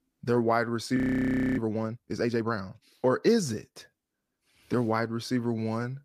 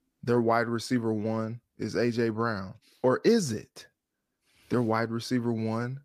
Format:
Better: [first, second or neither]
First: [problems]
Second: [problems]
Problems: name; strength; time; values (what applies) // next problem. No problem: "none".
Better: second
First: audio freezing; at 1 s for 0.5 s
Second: none